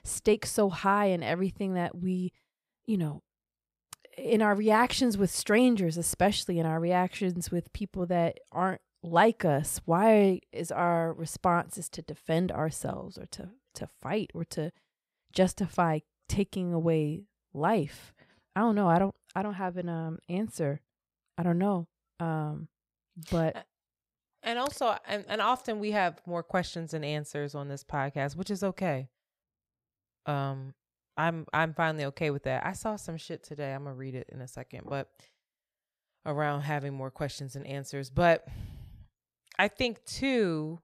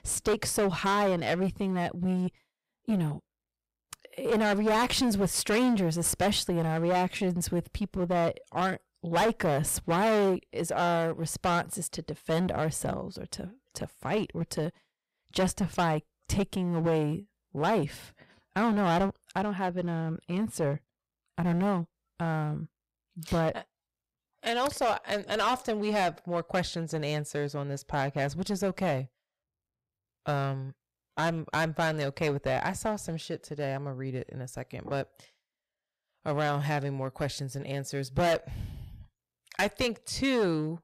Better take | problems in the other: first | distortion; heavy; 10% of the sound clipped

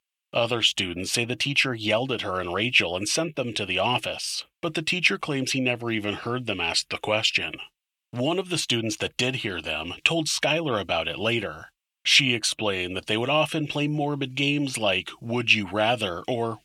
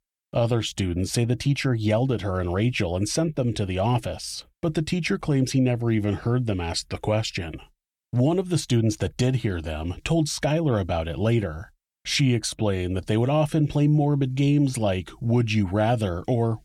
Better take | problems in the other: second | thin; somewhat; fading below 1 kHz

